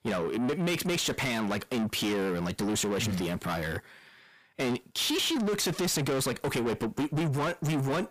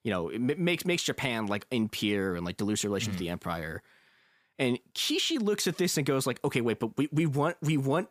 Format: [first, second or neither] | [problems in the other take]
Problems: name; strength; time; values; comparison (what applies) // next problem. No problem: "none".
second | distortion; heavy; 6 dB below the speech